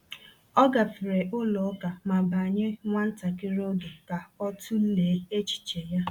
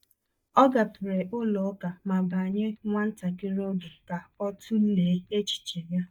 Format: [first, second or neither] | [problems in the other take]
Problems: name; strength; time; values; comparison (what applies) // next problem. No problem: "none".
first | noise reduction (neural mask model DeepFilterNet 3)